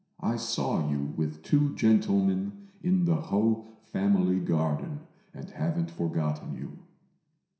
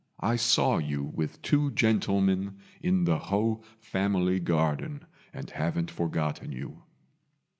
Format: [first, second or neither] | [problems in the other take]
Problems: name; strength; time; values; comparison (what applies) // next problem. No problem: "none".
second | room echo; dies away in 0.7 s